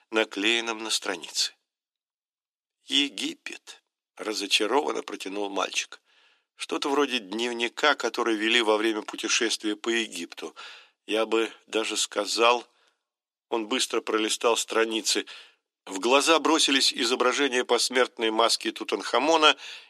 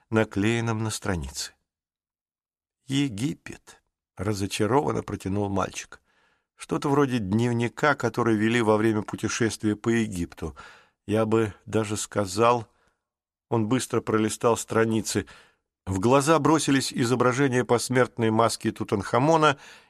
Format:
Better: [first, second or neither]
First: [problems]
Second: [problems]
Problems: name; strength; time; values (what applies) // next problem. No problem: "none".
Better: second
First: thin; somewhat; fading below 300 Hz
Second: none